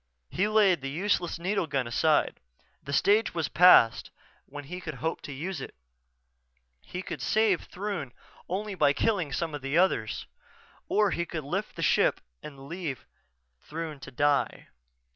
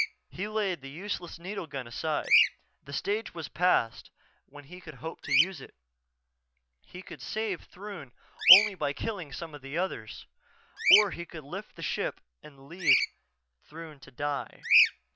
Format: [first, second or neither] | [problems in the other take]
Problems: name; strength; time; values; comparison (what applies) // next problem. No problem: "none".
first | background sound (Bird vocalization, bird call, bird song); 2 dB above the speech